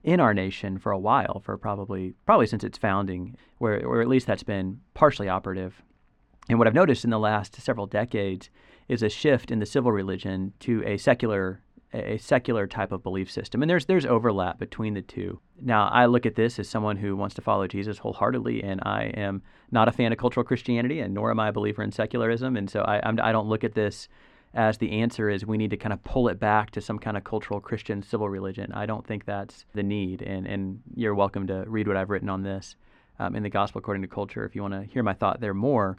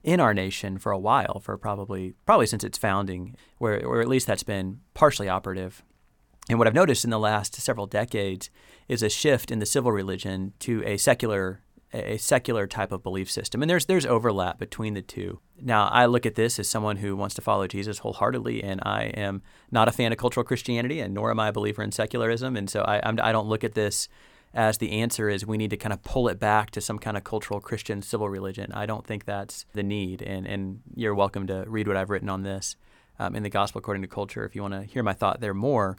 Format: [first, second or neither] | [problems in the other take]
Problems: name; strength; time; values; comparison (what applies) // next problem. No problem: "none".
second | muffled; slightly; fading above 3 kHz